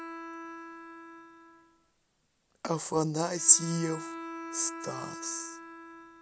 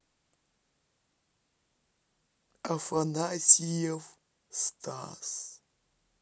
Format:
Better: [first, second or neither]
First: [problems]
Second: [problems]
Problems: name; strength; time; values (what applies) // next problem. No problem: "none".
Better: second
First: background sound (Bowed string instrument); 13 dB below the speech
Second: none